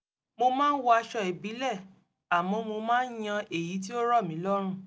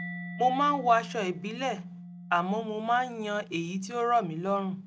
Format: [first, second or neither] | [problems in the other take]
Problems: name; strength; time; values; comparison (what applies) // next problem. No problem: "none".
first | background sound (Mallet percussion); 14 dB below the speech